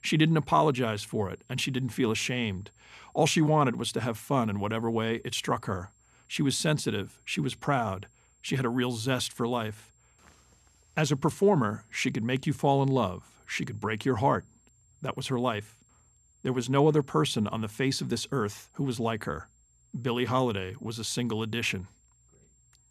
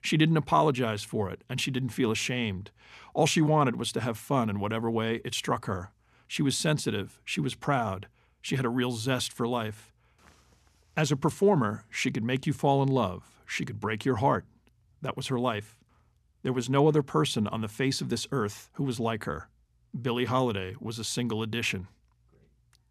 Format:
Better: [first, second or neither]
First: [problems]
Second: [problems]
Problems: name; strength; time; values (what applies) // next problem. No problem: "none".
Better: second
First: high-pitched whine; faint; throughout; 7.5 kHz, 35 dB below the speech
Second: none